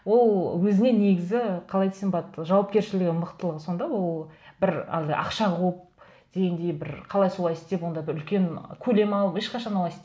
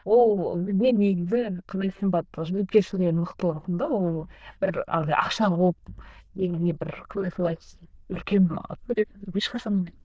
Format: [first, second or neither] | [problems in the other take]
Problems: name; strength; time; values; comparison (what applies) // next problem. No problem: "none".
first | noise reduction (neural diffusion model UNIVERSE++)